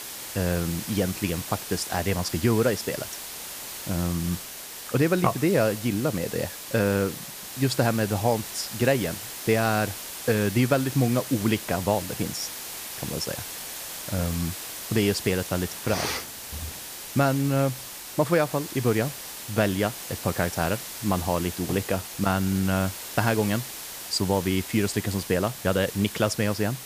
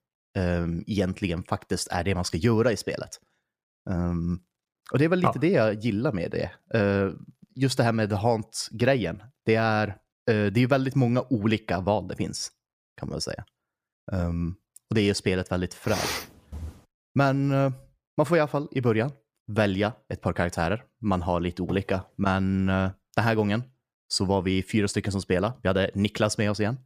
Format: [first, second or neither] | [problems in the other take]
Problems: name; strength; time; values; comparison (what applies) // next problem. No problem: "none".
second | hiss; loud; throughout; 8 dB below the speech